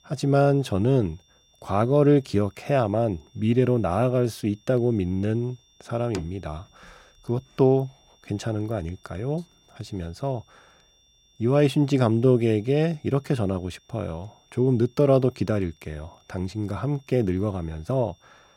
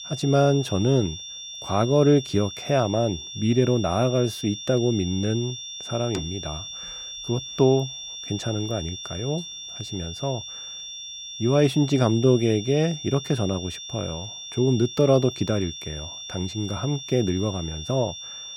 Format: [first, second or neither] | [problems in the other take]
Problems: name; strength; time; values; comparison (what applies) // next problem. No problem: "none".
first | high-pitched whine; loud; throughout; 3.5 kHz, 10 dB below the speech; faint in the first